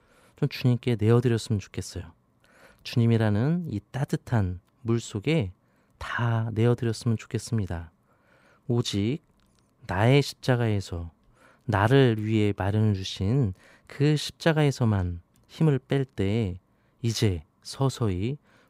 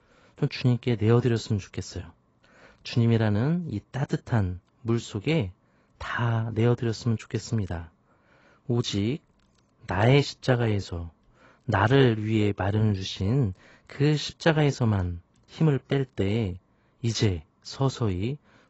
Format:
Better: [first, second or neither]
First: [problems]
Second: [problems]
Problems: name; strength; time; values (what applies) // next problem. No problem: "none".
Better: first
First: none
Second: garbled, watery; badly; nothing above 7.5 kHz